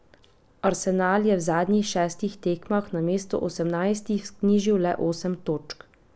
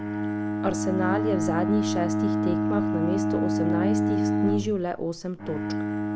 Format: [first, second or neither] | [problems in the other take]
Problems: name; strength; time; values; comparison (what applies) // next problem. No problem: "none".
first | background sound (Bowed string instrument); 4 dB above the speech